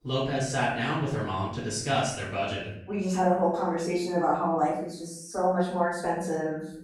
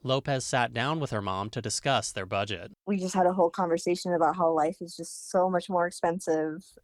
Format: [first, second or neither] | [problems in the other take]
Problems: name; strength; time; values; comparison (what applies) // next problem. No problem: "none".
second | off-mic speech; far // room echo; noticeable; dies away in 0.7 s